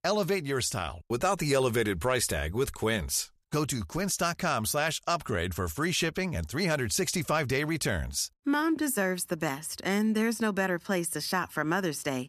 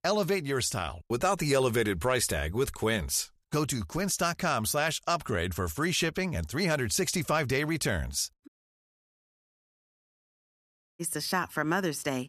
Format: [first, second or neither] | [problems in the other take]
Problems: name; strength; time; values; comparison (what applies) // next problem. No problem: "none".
first | audio cutting out; at 8.5 s for 2.5 s